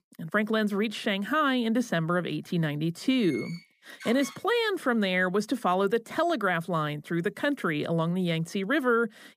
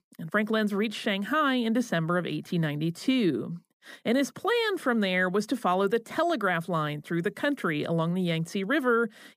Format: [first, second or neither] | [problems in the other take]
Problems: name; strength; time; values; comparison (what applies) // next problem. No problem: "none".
second | door banging; faint; from 3 to 4.5 s; peak 15 dB below the speech